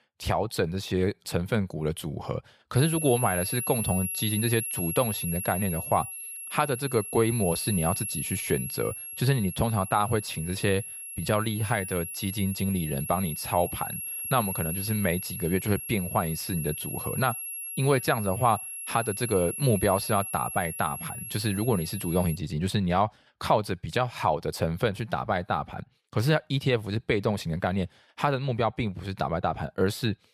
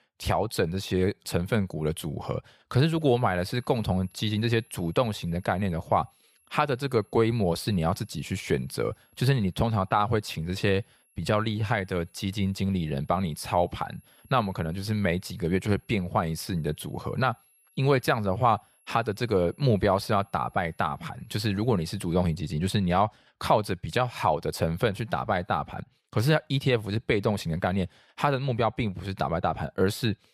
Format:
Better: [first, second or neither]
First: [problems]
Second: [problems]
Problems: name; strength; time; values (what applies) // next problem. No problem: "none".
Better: second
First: high-pitched whine; loud; from 3 to 22 s; 11 kHz, 5 dB below the speech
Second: high-pitched whine; faint; from 3 to 22 s; 11 kHz, 35 dB below the speech